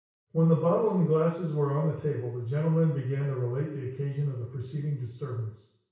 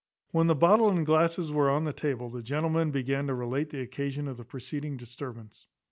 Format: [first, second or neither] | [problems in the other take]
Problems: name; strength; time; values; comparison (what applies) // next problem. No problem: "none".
second | room echo; dies away in 0.6 s